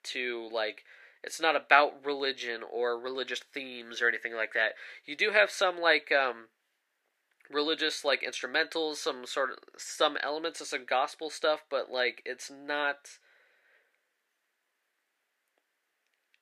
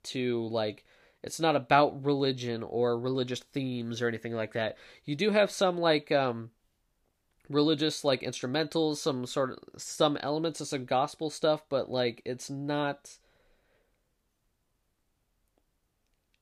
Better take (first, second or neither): second